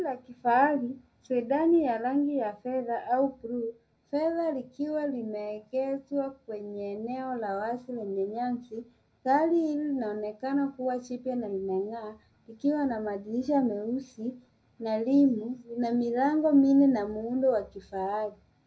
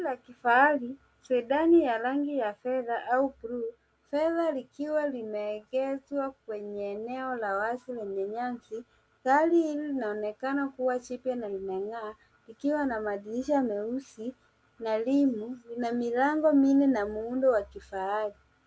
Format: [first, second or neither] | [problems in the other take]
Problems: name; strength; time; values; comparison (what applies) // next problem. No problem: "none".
second | room echo; dies away in 0.4 s